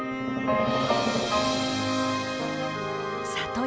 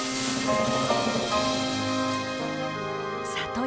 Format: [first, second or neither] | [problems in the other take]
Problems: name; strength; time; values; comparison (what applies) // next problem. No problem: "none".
first | background sound (Shatter); 12 dB below the speech